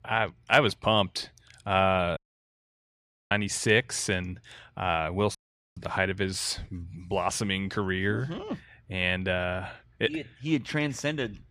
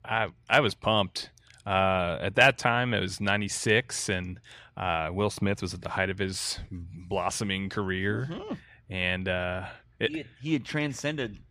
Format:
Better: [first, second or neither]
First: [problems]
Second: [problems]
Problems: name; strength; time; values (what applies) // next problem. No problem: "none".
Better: second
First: audio cutting out; at 2 s for 1 s and at 5.5 s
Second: none